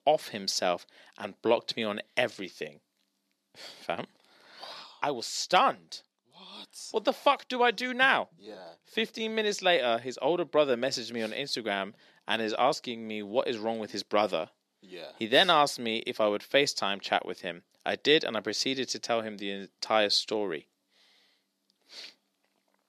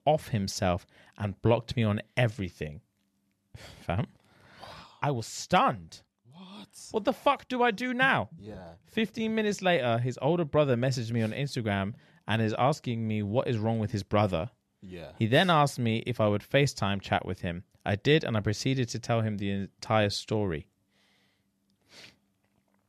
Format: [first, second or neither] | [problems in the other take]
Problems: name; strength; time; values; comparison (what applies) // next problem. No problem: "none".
second | thin; somewhat; fading below 300 Hz